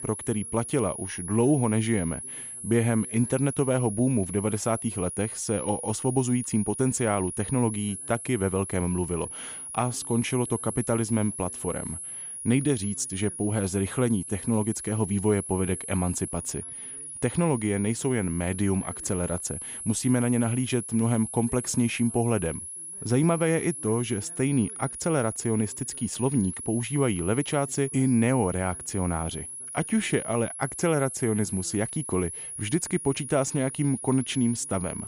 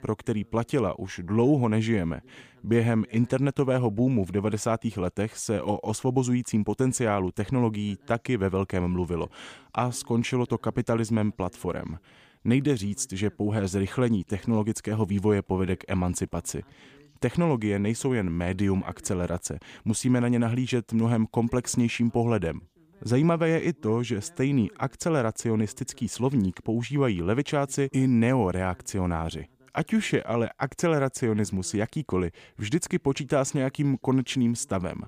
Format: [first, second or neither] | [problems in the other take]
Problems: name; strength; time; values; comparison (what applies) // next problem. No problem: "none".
second | high-pitched whine; loud; throughout; 10.5 kHz, 8 dB below the speech